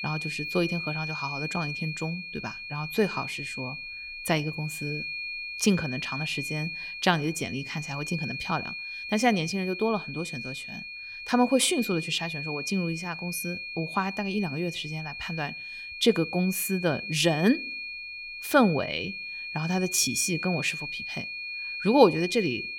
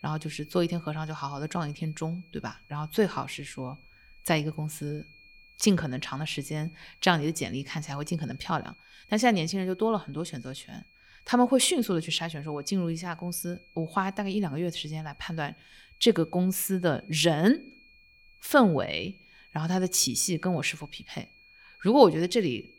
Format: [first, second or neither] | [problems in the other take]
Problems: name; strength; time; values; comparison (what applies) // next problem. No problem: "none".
second | high-pitched whine; loud; throughout; 2.5 kHz, 6 dB below the speech; faint in the second